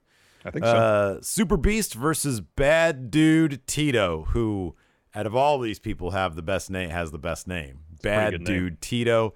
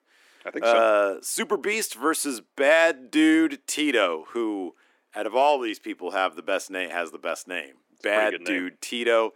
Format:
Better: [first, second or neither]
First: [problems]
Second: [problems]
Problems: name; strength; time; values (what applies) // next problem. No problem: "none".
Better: first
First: none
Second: thin; somewhat; fading below 300 Hz